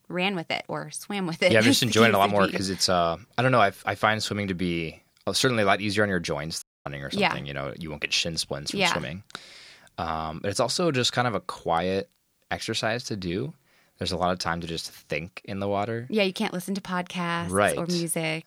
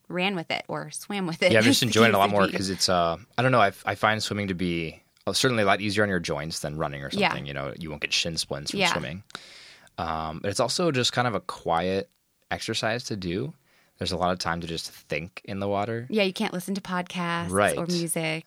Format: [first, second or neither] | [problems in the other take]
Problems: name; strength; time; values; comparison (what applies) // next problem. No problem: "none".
second | audio cutting out; at 6.5 s